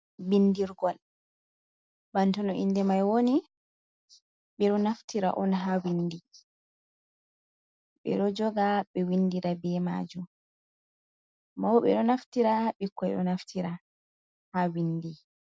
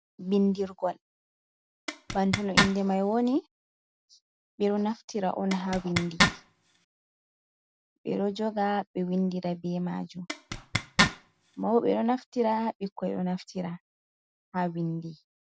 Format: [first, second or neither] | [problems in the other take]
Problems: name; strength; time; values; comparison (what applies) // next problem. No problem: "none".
first | background sound (Zipper (clothing)); 1 dB above the speech